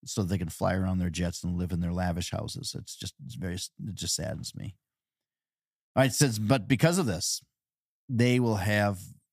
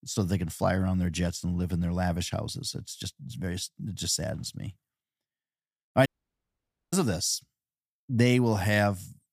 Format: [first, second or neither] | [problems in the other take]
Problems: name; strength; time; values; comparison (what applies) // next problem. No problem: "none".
first | audio cutting out; at 6 s for 1 s